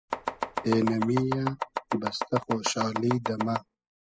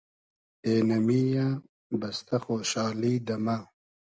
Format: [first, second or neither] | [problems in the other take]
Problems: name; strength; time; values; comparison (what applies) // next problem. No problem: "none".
second | noise reduction (classical method spectral subtraction)